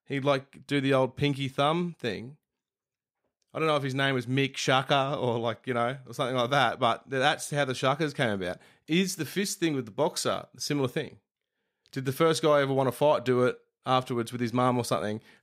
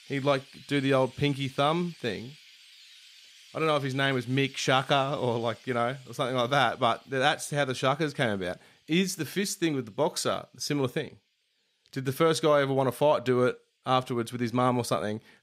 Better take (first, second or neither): first